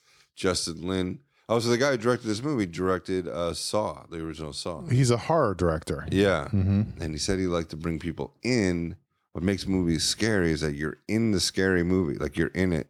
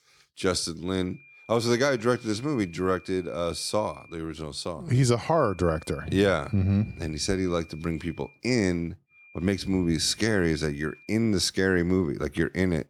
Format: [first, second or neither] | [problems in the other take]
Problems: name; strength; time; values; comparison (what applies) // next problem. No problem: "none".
first | high-pitched whine; faint; from 1 to 4 s, from 5.5 to 8.5 s and from 9 to 11 s; 2.5 kHz, 25 dB below the speech